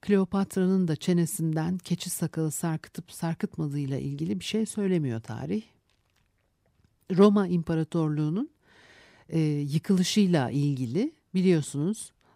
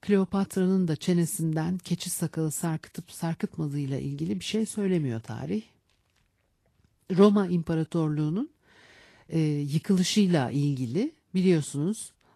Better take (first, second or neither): first